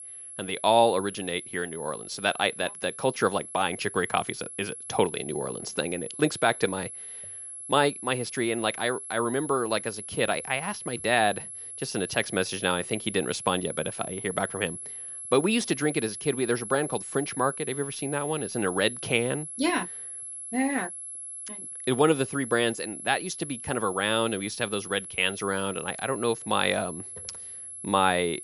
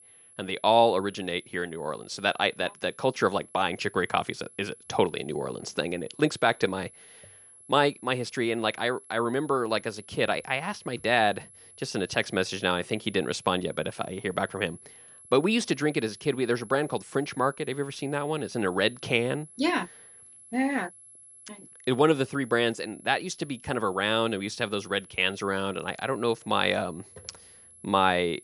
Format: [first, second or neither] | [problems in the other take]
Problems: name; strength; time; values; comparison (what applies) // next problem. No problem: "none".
second | high-pitched whine; loud; throughout; 11 kHz, 9 dB below the speech; faint in the second